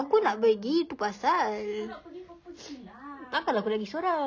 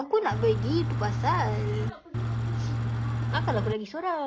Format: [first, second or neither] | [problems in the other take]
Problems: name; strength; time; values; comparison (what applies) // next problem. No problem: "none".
first | background sound (Engine / Truck); 2 dB above the speech